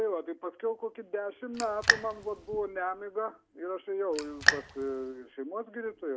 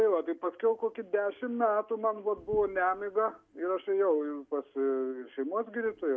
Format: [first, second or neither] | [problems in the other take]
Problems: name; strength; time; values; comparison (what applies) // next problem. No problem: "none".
second | background sound (Raindrop); 3 dB above the speech